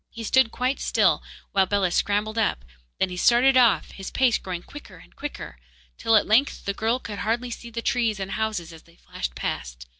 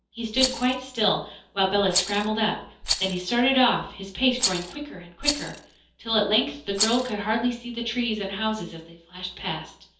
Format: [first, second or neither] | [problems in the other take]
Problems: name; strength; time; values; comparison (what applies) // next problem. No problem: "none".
first | background sound (Rattle); 6 dB below the speech // room echo; dies away in 0.5 s